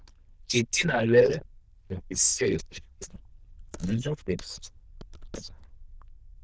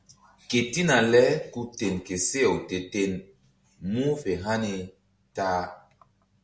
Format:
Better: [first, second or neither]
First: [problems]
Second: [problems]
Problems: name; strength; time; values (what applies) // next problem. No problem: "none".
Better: second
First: noise reduction (neural diffusion model UNIVERSE++)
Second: none